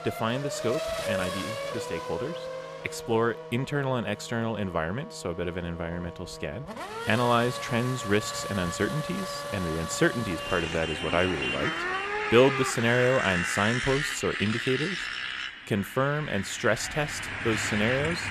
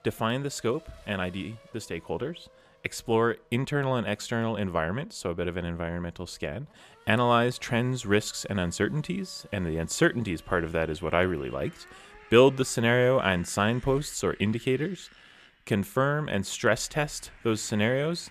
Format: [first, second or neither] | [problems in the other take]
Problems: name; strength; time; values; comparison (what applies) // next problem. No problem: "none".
second | traffic noise; loud; throughout; 4 dB below the speech; faint in the second